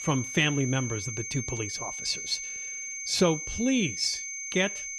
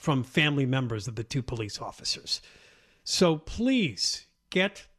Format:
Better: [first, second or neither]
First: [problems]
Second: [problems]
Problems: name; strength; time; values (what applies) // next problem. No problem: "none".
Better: second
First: high-pitched whine; loud; throughout; 6.5 kHz, 5 dB below the speech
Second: none